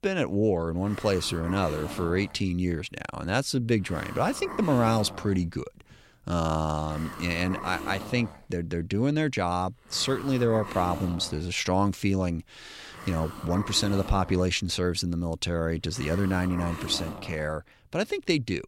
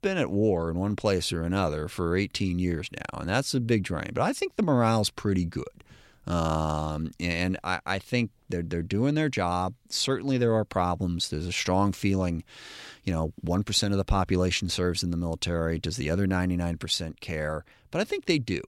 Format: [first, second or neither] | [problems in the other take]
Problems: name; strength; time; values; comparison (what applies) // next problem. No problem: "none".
second | hiss; noticeable; throughout; 10 dB below the speech